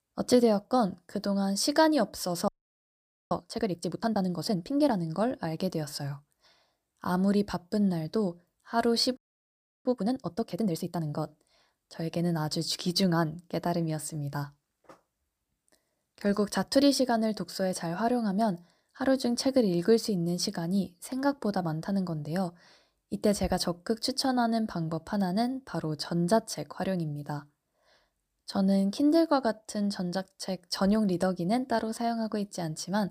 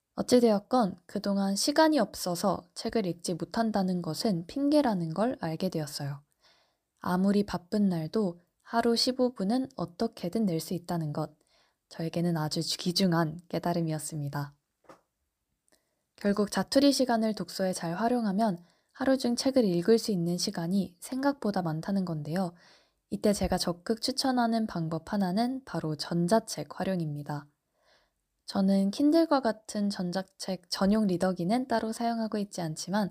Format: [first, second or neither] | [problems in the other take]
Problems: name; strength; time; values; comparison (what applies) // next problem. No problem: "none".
second | audio freezing; at 2.5 s for 1 s and at 9 s for 0.5 s